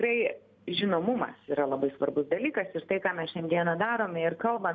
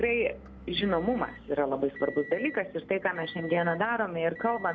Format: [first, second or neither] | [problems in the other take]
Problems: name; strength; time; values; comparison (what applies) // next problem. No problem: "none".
first | background sound (Motor vehicle (road) / Engine); 16 dB below the speech